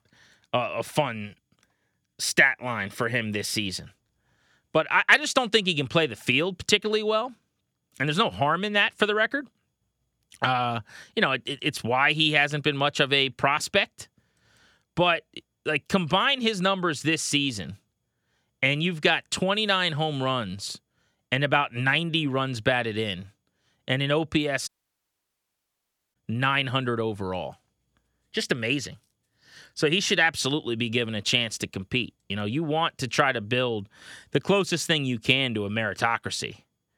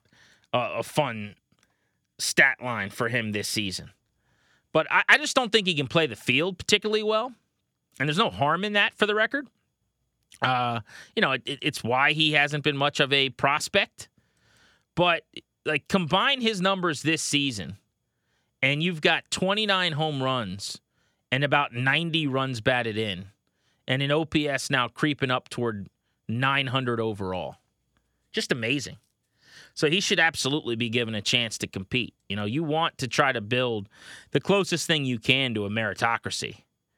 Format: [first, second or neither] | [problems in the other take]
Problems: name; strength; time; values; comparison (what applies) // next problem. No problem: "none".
second | audio cutting out; at 25 s for 1.5 s